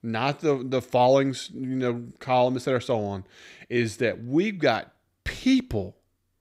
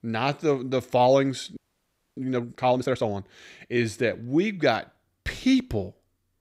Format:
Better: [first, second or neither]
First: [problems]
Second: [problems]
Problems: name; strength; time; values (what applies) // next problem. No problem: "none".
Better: first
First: none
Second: audio freezing; at 1.5 s for 0.5 s